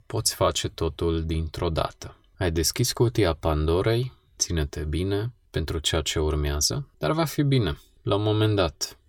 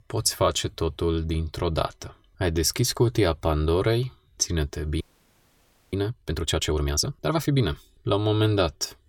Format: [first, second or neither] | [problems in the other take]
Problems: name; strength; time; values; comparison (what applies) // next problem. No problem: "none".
first | audio freezing; at 5 s for 1 s